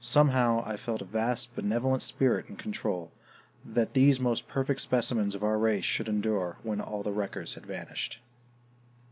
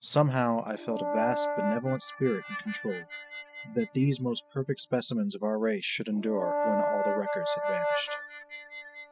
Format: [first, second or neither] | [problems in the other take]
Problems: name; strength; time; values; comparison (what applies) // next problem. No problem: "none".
first | noise reduction (classical method spectral subtraction)